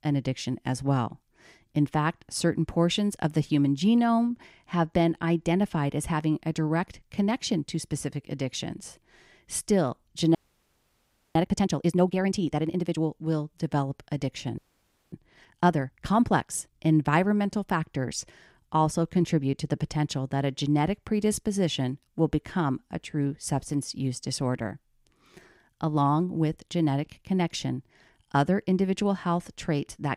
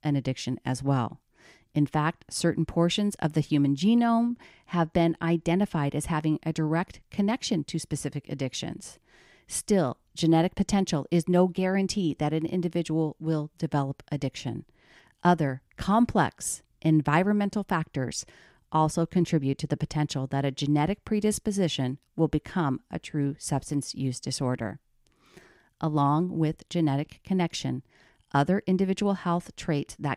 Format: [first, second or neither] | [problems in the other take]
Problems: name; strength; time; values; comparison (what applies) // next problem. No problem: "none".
second | audio freezing; at 10 s for 1 s and at 15 s for 0.5 s